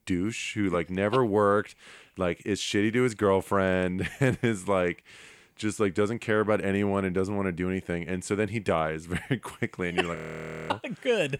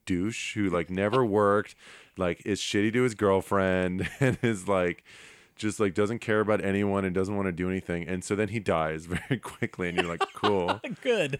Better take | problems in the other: second | audio freezing; at 10 s for 0.5 s

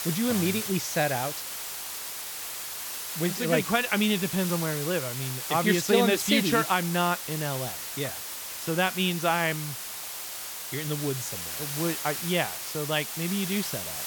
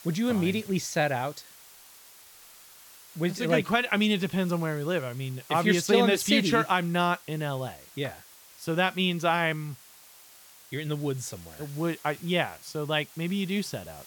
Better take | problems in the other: second | hiss; loud; throughout; 5 dB below the speech; faint in the second

